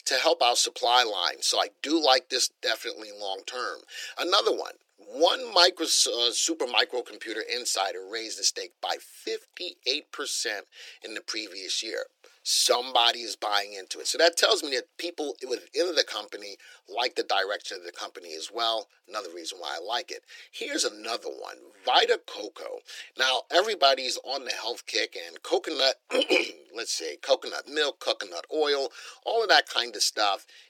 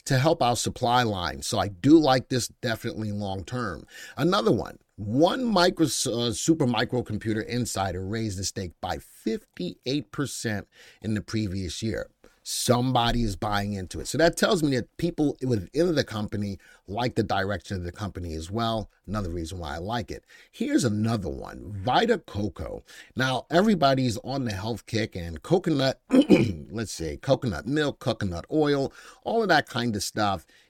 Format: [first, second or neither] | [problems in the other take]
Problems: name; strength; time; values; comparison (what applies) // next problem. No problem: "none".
second | thin; very; fading below 400 Hz